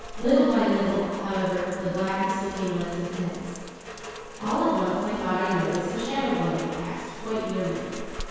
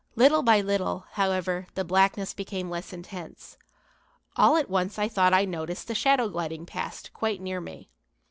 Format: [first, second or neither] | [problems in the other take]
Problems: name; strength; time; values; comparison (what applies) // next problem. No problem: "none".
second | background sound (Rain); 12 dB below the speech // room echo; dies away in 2 s